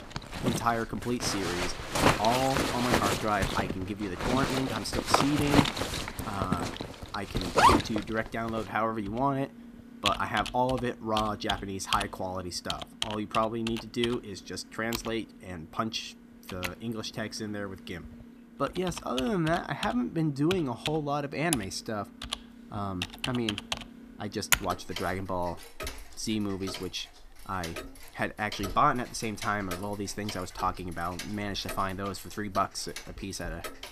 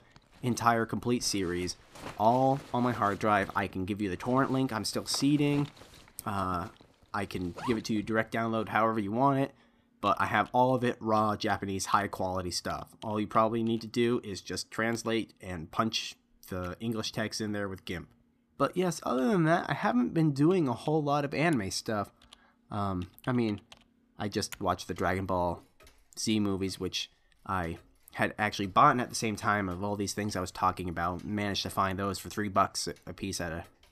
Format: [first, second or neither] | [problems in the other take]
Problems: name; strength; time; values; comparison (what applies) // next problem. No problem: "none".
second | household noises; loud; throughout; as loud as the speech; faint in the second